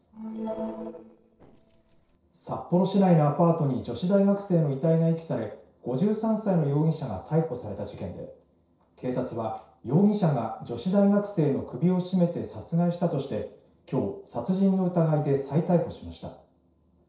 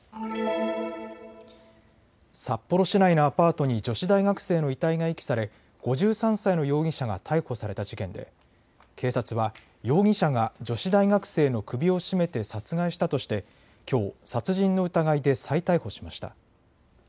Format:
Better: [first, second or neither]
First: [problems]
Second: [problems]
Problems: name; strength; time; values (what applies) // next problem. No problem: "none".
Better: second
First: noise reduction (neural separator model SepFormer DNS4)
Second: none